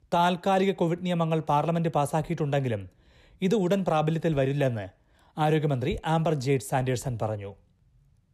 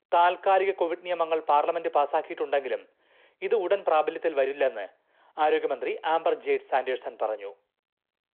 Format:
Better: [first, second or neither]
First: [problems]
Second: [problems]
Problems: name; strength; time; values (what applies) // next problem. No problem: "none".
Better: first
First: none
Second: phone-call audio